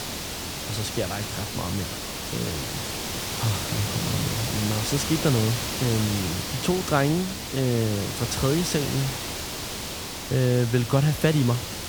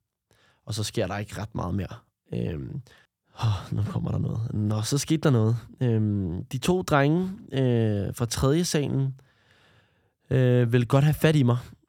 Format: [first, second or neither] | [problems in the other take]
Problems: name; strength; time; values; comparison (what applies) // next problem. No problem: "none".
second | hiss; loud; throughout; 4 dB below the speech